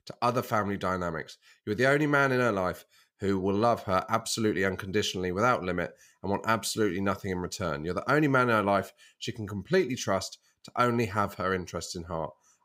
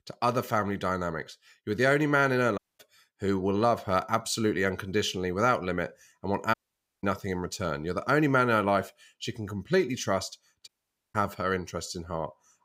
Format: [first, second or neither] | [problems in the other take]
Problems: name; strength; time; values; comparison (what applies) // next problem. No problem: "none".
first | audio cutting out; at 2.5 s, at 6.5 s and at 11 s